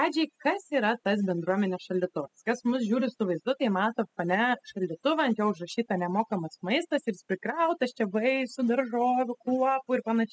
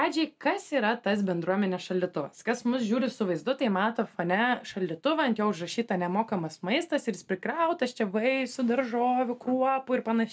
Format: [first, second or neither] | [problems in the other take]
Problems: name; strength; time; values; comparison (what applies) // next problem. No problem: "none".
second | noise reduction (classical method spectral subtraction)